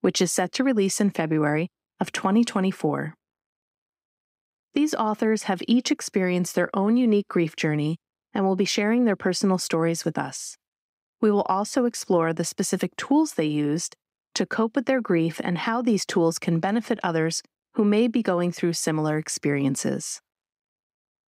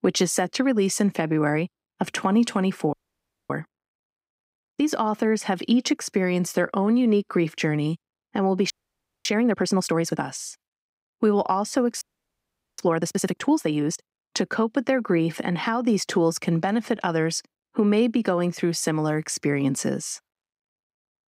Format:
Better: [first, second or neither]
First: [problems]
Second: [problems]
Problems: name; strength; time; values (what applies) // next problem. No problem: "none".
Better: first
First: none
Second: audio freezing; at 3 s for 0.5 s, at 8.5 s for 0.5 s and at 12 s for 1 s